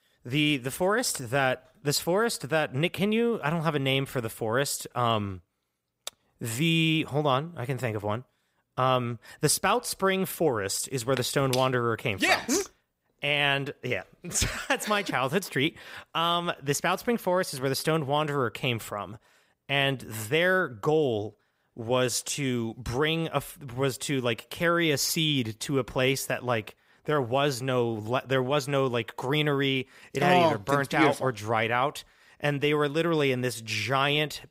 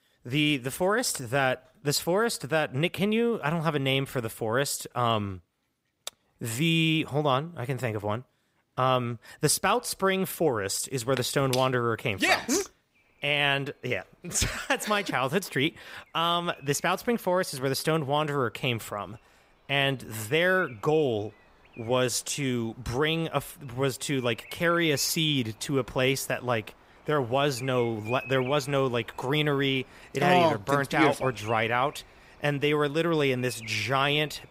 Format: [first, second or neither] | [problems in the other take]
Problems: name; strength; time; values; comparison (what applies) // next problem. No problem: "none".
first | animal sounds; faint; throughout; 20 dB below the speech